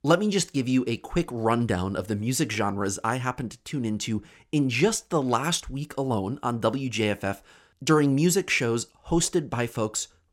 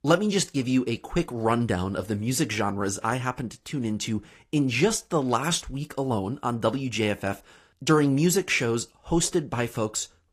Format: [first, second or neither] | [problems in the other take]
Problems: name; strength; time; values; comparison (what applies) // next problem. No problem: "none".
first | garbled, watery; slightly; nothing above 12.5 kHz